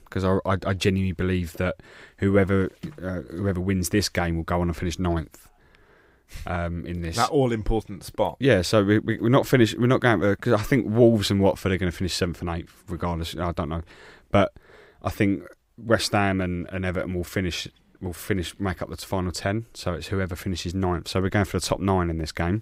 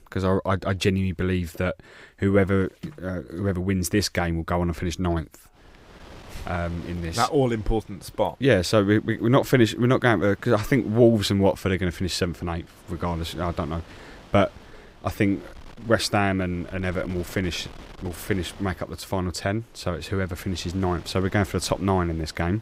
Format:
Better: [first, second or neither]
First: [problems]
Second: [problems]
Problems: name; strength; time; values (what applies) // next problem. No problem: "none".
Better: first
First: none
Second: wind noise on the microphone; occasional gusts; from 5.5 s on; 25 dB below the speech